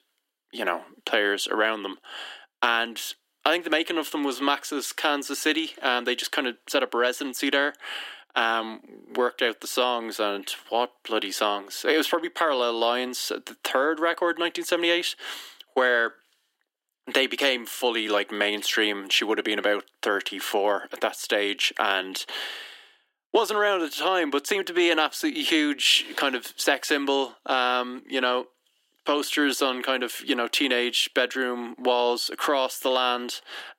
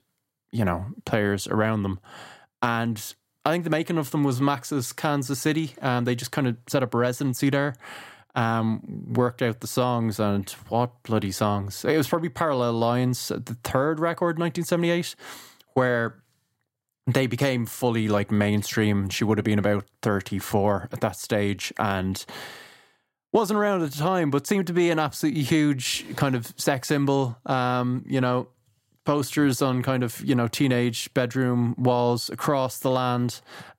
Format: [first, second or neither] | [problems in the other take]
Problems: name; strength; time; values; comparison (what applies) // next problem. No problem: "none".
second | thin; somewhat; fading below 300 Hz